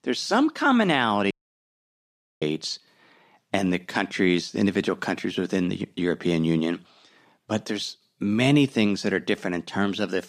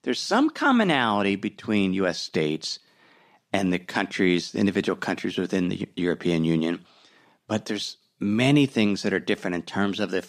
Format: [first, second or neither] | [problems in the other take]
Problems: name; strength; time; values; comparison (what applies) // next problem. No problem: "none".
second | audio cutting out; at 1.5 s for 1 s